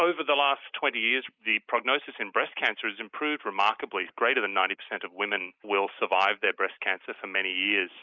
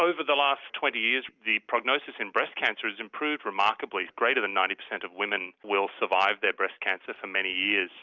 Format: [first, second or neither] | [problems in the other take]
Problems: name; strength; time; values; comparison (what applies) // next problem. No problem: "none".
second | noise reduction (neural mask model Resemble Enhance denoiser)